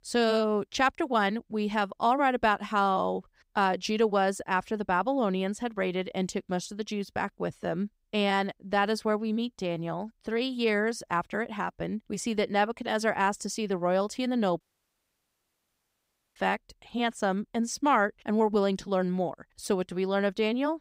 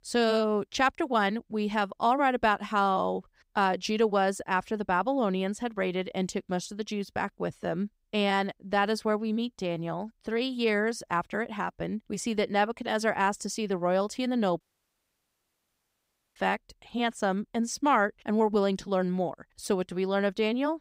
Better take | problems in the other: neither | audio cutting out; at 15 s for 2 s; the same in both

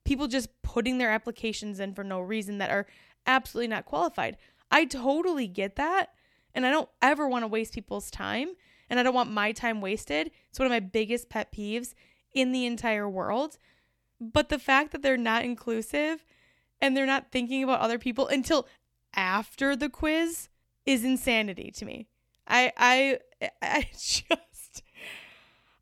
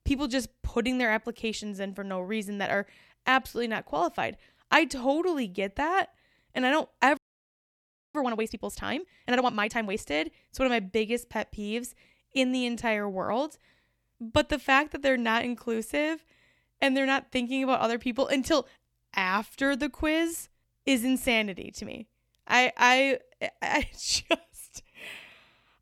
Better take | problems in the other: first | audio freezing; at 7 s for 1 s

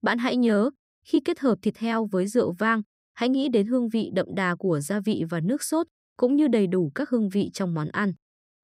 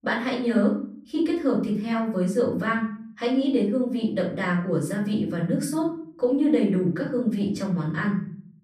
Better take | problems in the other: first | room echo; slight; dies away in 0.6 s // off-mic speech; far

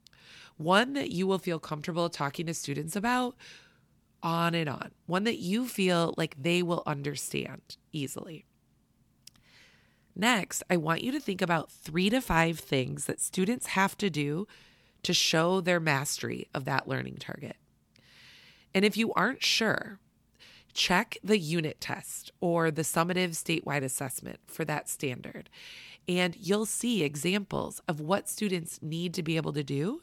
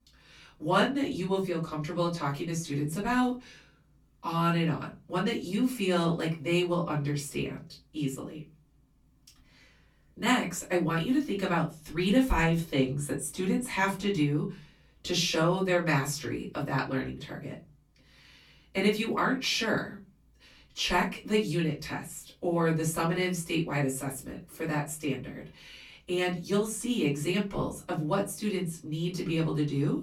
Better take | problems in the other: first | off-mic speech; far // room echo; very slight; dies away in 0.3 s

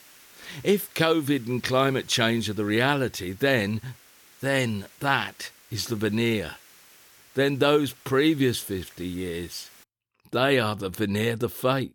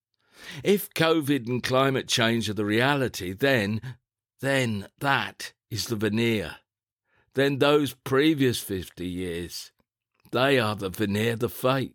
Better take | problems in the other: second | hiss; faint; until 10 s; 25 dB below the speech

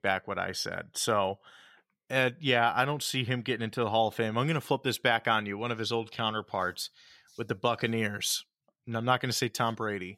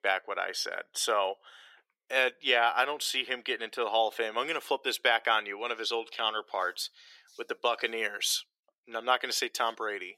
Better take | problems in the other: first | thin; very; fading below 350 Hz

